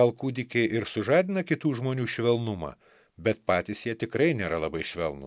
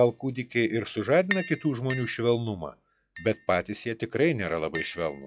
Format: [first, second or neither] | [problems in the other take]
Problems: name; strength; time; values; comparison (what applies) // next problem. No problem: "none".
first | noise reduction (classical method log-MMSE)